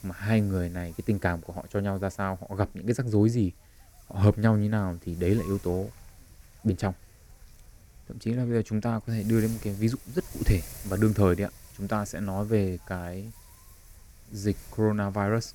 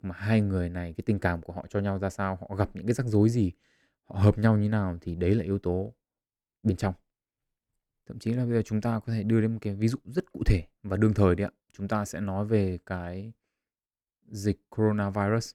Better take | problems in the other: second | wind noise on the microphone; occasional gusts; 20 dB below the speech

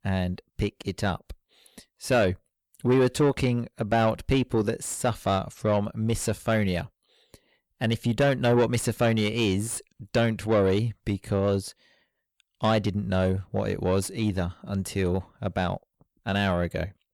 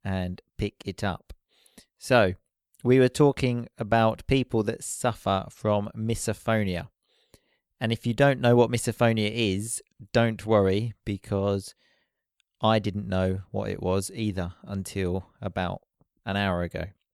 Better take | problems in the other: second | distortion; slight; 10 dB below the speech

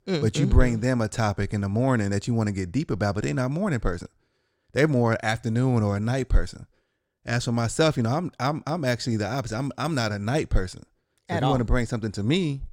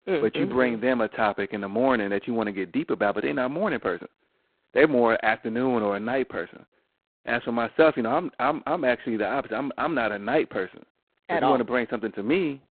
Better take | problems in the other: first | phone-call audio; poor line; nothing above 4 kHz

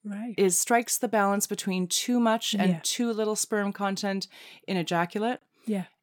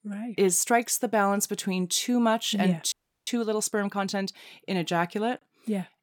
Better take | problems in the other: first | audio freezing; at 3 s

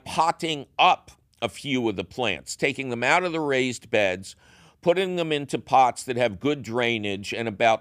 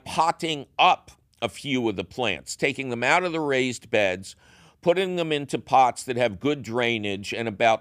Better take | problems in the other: neither | none

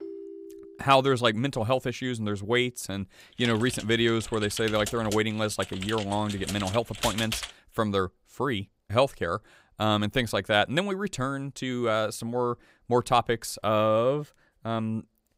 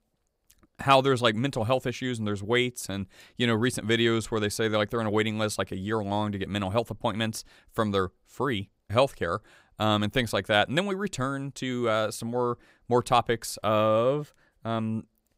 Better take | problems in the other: second | phone ringing; faint; at the start; peak 15 dB below the speech // keyboard typing; noticeable; from 3.5 to 7.5 s; peak 3 dB below the speech

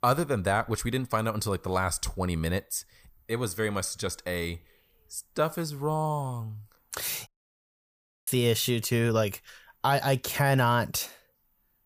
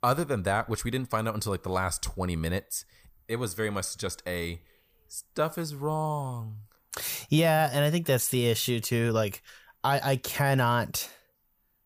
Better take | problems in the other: second | audio cutting out; at 7.5 s for 1 s

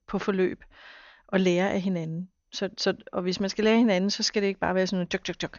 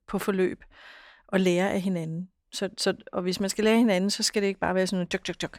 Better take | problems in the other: second | garbled, watery; slightly; nothing above 6.5 kHz

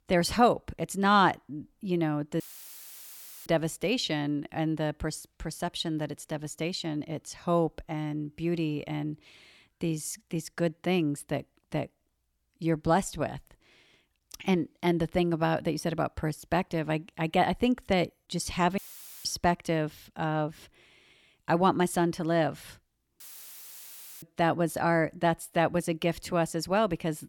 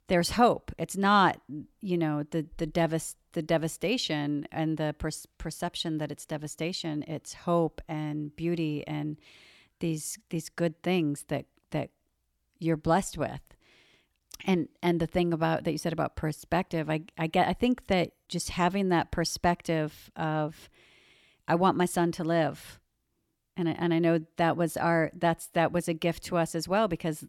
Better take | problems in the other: second | audio cutting out; filled with static; at 2.5 s for 1 s, at 19 s and at 23 s for 1 s

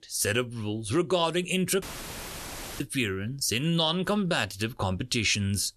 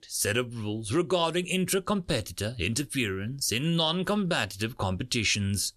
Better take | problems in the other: second | audio cutting out; filled with static; at 2 s for 1 s

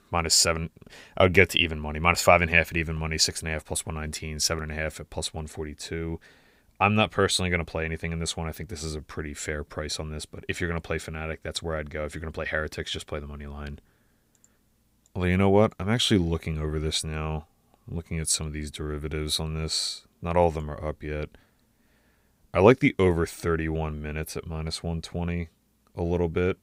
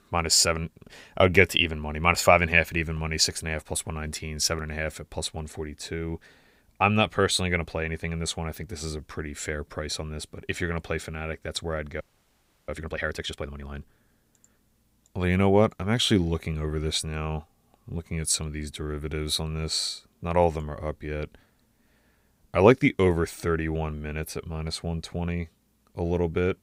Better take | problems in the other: first | audio freezing; at 12 s for 0.5 s

